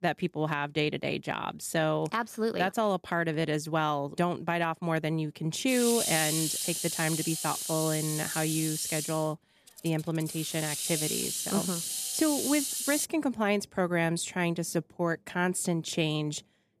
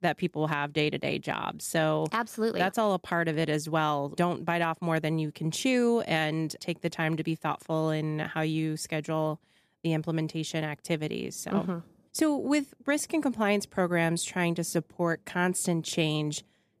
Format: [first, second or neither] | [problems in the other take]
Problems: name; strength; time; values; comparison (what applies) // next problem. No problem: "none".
second | hiss; loud; from 5.5 to 13 s; 1 dB below the speech